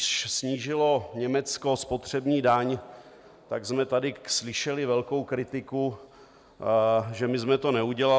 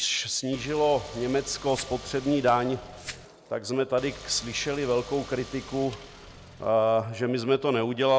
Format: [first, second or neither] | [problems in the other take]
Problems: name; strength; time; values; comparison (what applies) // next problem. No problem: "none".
first | background sound (Car + Glass); 16 dB below the speech